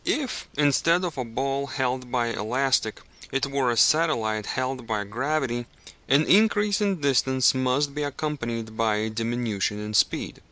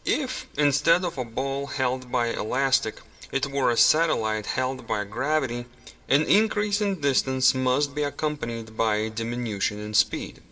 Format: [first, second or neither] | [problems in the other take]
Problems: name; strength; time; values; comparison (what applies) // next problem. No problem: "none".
first | room echo; dies away in 0.3 s